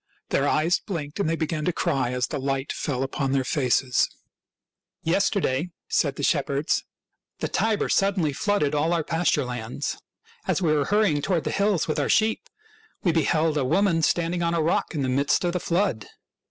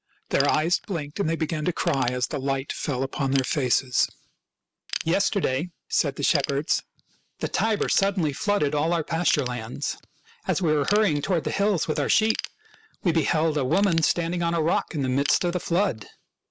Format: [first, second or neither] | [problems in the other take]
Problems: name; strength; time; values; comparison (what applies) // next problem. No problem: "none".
first | background sound (Ratchet, pawl / Tools); 15 dB below the speech